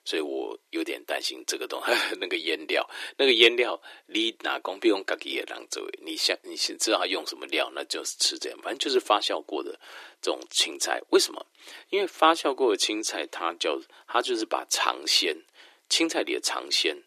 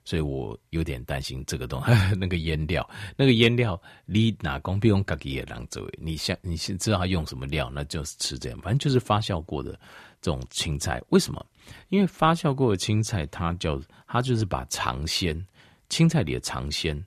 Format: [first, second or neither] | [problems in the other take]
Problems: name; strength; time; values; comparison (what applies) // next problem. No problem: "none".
second | thin; very; fading below 300 Hz